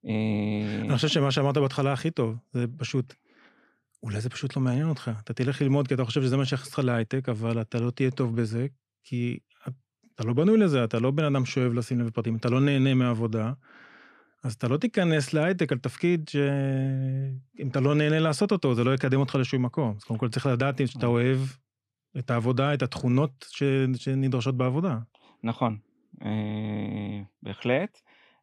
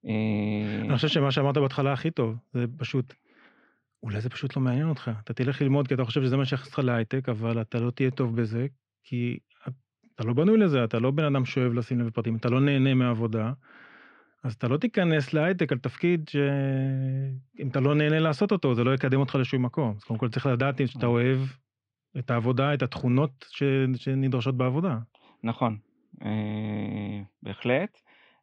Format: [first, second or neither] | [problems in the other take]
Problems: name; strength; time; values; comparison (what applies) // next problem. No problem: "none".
first | muffled; very slightly; fading above 3 kHz